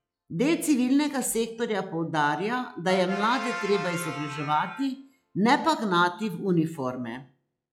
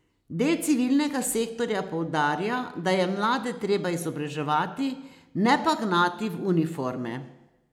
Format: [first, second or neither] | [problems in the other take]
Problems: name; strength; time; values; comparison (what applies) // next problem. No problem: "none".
second | noise reduction (classical method log-MMSE)